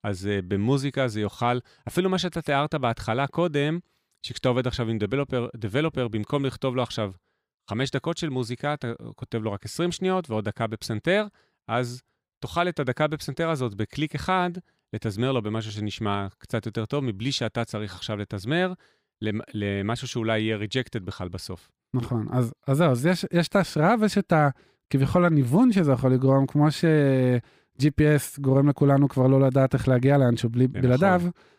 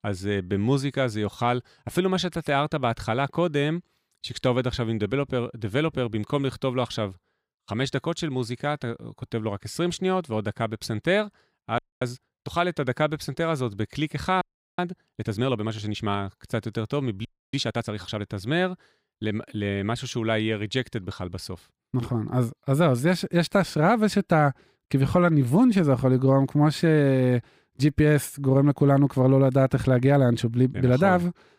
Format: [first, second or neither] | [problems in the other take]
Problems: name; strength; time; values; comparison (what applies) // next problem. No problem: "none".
first | audio freezing; at 12 s, at 14 s and at 17 s